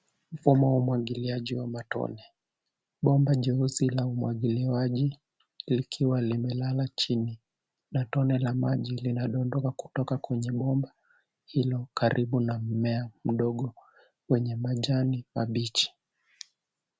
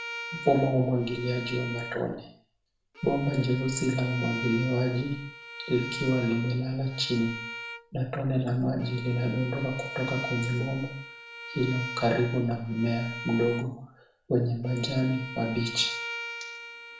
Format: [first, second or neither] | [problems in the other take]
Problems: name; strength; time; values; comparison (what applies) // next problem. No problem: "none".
first | background sound (Bowed string instrument); 11 dB below the speech // room echo; dies away in 0.5 s